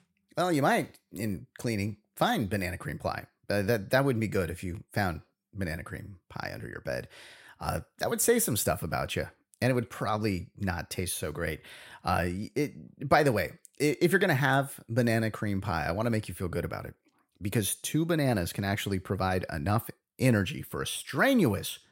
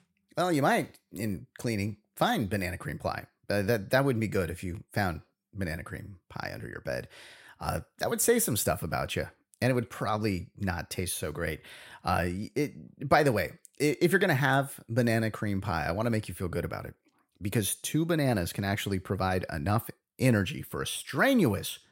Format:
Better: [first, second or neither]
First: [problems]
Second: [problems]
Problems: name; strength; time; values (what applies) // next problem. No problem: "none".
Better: neither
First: none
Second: none